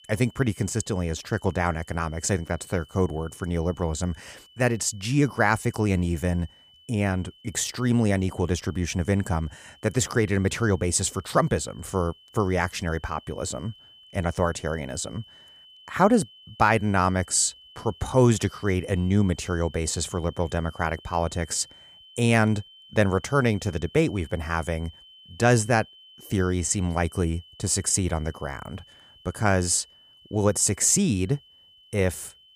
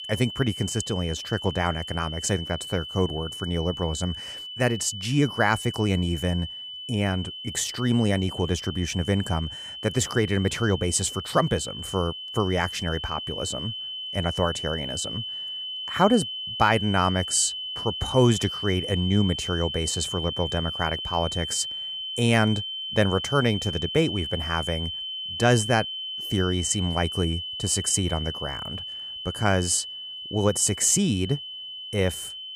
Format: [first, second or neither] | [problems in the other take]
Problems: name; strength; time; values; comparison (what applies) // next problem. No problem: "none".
first | high-pitched whine; loud; throughout; 3 kHz, 6 dB below the speech; faint in the first